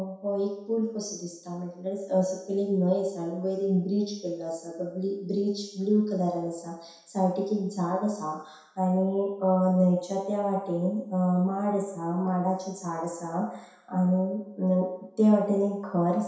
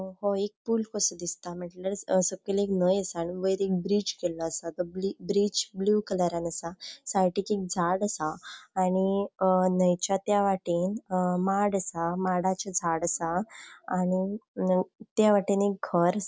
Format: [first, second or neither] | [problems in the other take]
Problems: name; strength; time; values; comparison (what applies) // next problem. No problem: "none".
second | room echo; dies away in 0.7 s